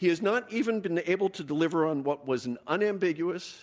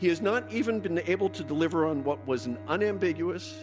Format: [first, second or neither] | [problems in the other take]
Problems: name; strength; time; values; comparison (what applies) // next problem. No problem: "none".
first | background sound (Bowed string instrument + Organ); 14 dB below the speech